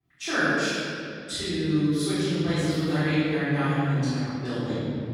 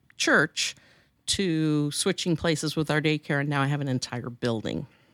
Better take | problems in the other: second | room echo; strong; dies away in 2.7 s // off-mic speech; far

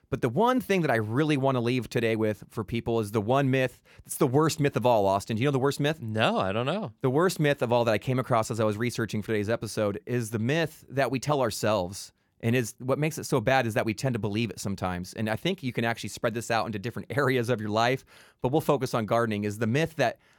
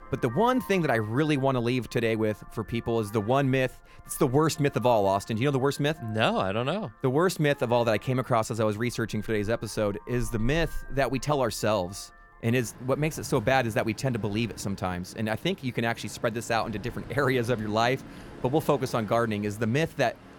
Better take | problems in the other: first | traffic noise; noticeable; throughout; 20 dB below the speech

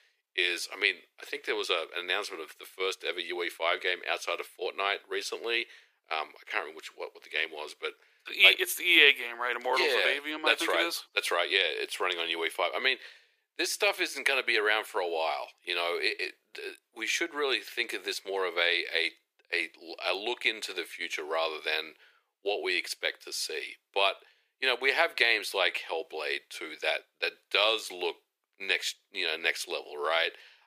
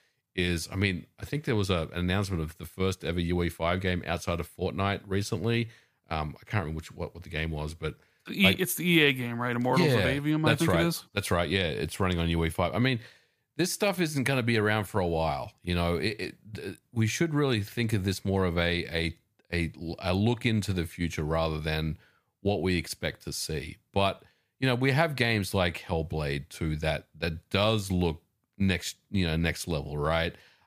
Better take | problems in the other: second | thin; very; fading below 400 Hz

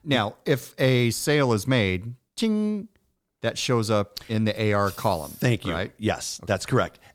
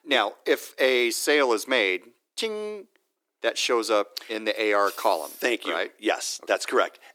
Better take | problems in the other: first | thin; very; fading below 300 Hz

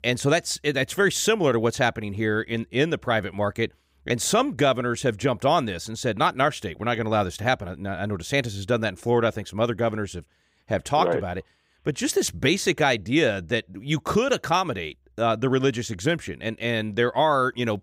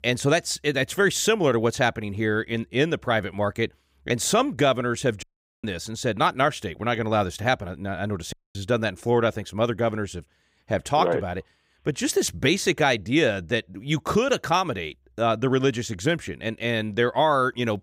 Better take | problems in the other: first | audio cutting out; at 5 s and at 8.5 s

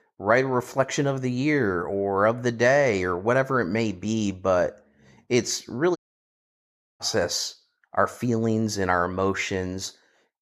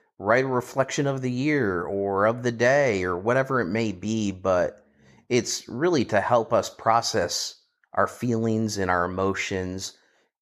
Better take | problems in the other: second | audio cutting out; at 6 s for 1 s

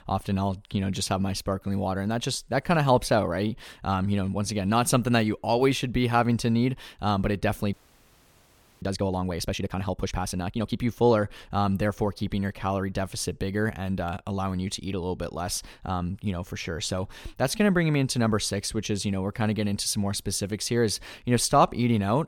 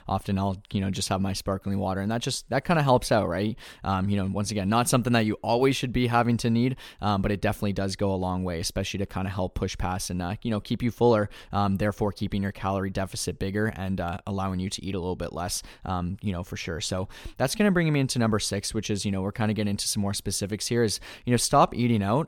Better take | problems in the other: second | audio freezing; at 7.5 s for 1 s

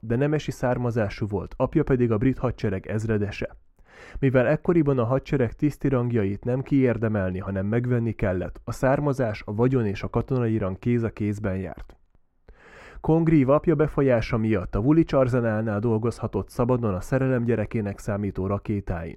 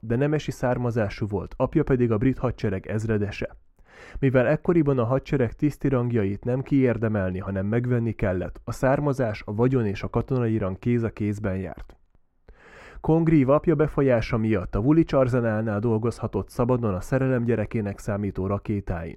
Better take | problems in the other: neither | muffled; very; fading above 3 kHz; the same in both

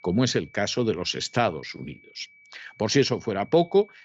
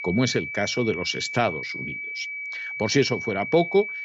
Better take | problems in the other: first | high-pitched whine; loud; throughout; 2.5 kHz, 6 dB below the speech; faint in the first

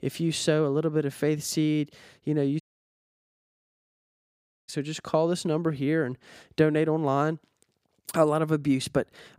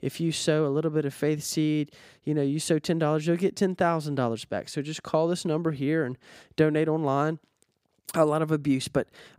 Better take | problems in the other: second | audio cutting out; at 2.5 s for 2 s

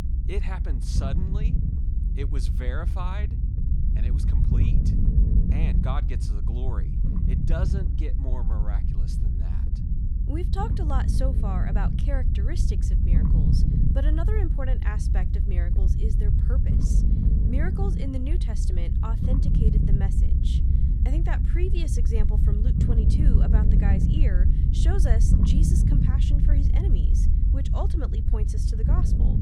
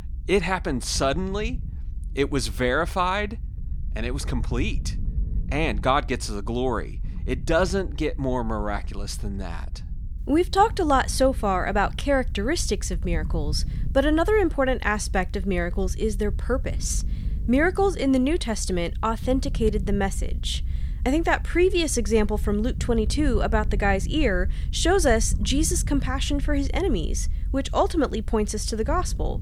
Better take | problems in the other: second | low rumble; loud; throughout; as loud as the speech; faint in the second

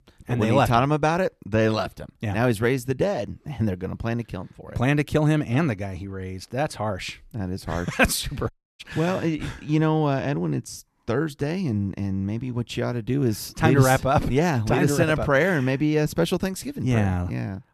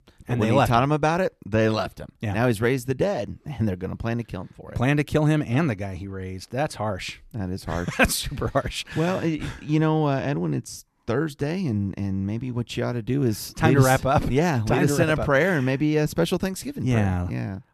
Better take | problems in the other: second | audio cutting out; at 8.5 s

